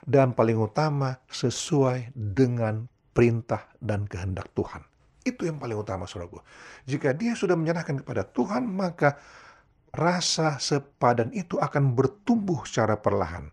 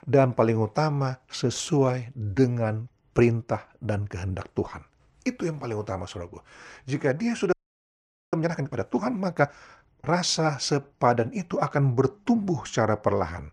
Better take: first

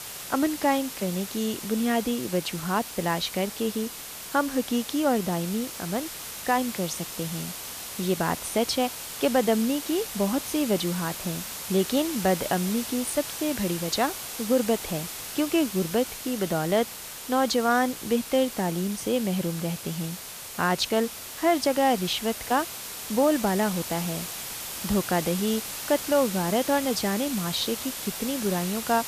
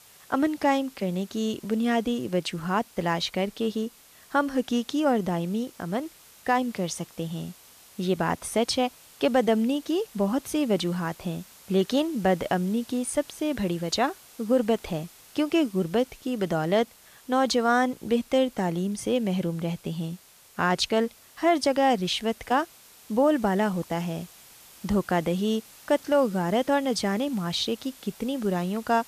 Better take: second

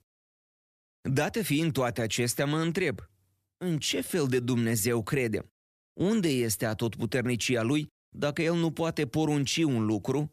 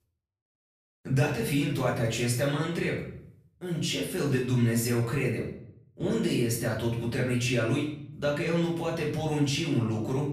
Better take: first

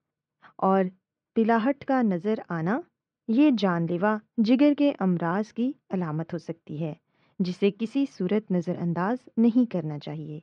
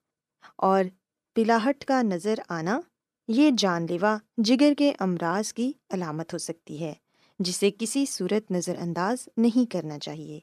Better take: second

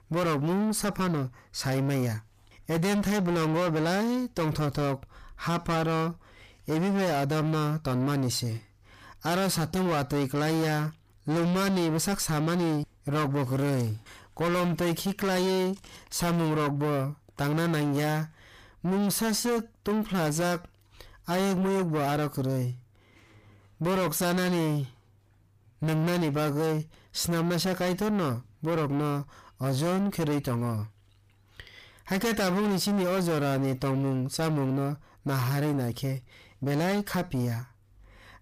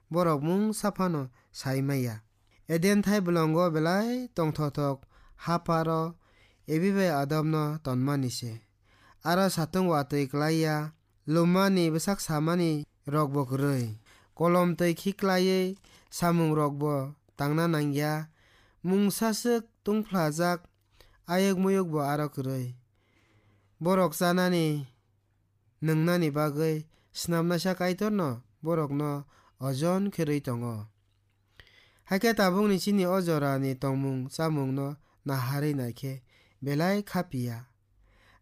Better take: second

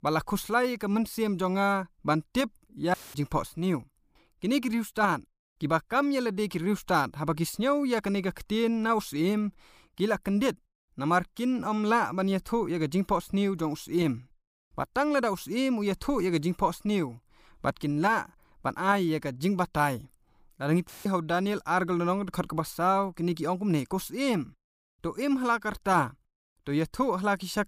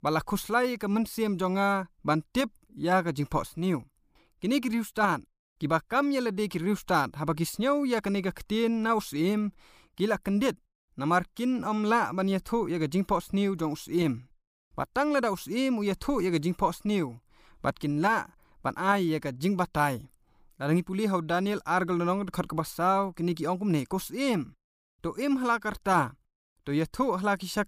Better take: second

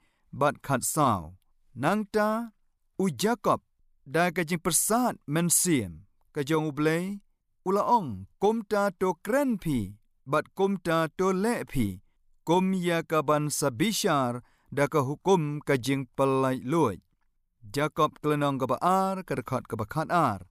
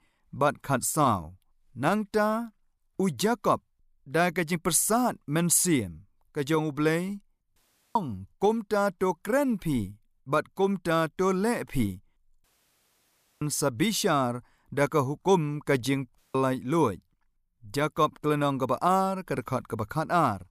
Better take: first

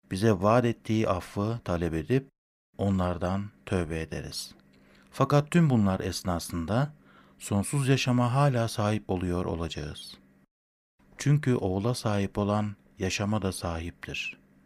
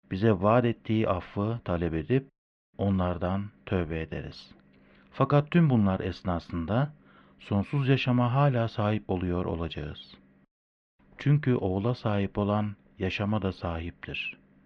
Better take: first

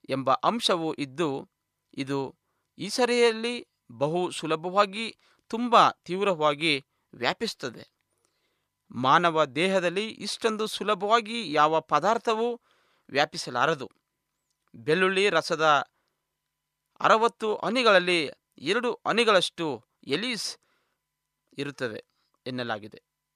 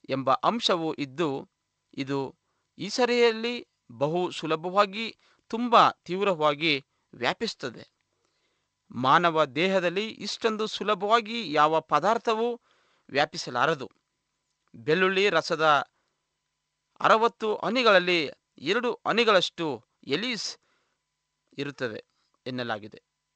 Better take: first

